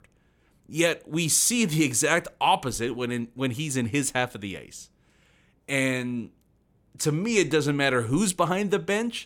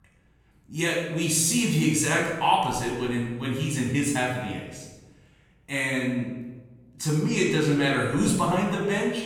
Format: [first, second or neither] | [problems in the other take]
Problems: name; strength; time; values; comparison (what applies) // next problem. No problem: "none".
first | off-mic speech; far // room echo; noticeable; dies away in 1 s